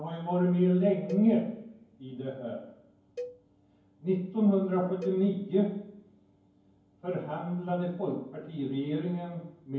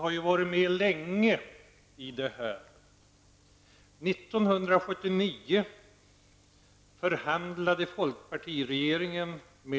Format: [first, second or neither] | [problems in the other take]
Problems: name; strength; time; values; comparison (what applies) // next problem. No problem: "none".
second | background sound (Cowbell); 17 dB below the speech // room echo; dies away in 0.9 s